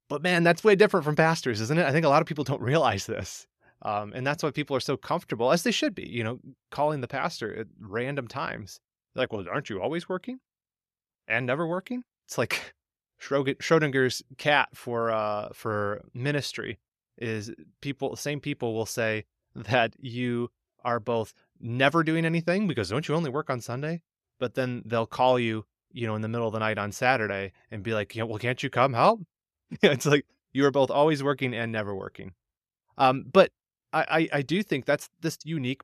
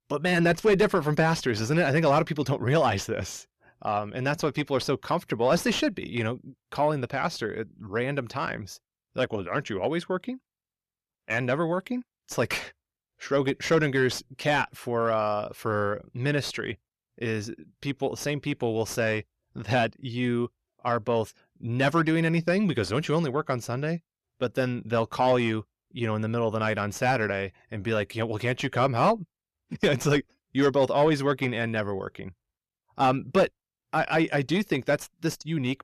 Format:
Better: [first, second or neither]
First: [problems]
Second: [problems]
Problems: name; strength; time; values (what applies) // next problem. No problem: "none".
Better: first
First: none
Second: distortion; slight; 10 dB below the speech